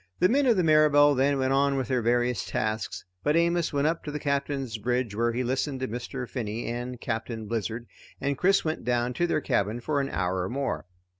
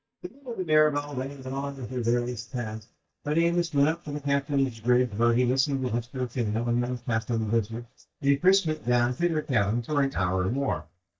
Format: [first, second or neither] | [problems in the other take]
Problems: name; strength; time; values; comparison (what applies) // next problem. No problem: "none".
first | noise reduction (neural mask model DeepFilterNet 3)